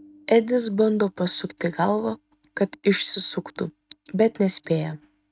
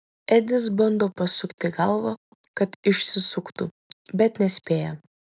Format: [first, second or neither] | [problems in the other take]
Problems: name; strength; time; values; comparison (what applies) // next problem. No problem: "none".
second | noise reduction (neural mask model RNNoise)